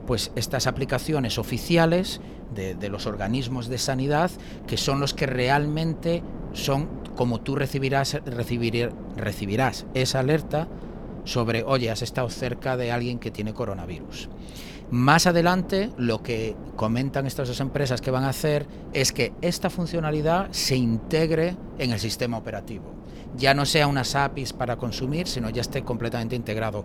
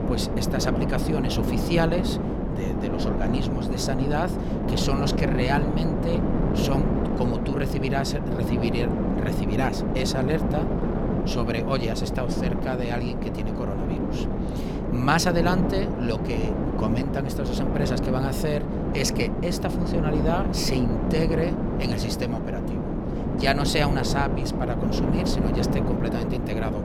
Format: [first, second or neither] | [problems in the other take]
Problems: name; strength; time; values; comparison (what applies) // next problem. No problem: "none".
first | wind noise on the microphone; heavy; 2 dB below the speech; occasional gusts in the first